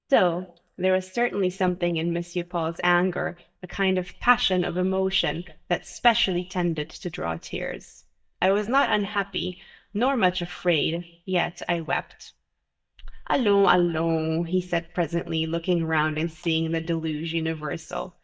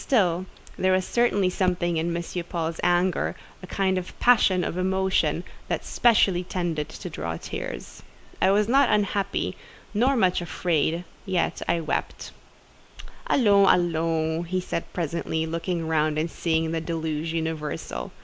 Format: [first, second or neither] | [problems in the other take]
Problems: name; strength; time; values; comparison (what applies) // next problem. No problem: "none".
second | noise reduction (neural mask model DeepFilterNet 3)